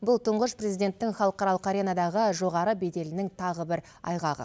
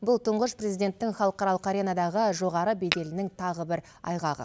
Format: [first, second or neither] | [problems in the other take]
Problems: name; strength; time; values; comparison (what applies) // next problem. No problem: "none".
first | background sound (Tap / Glass); 7 dB below the speech